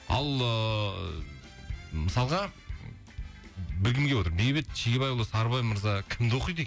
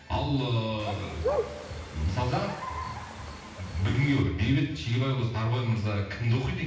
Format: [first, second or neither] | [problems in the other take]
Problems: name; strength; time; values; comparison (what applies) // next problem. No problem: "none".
first | background sound (Bird); 7 dB below the speech // room echo; dies away in 0.8 s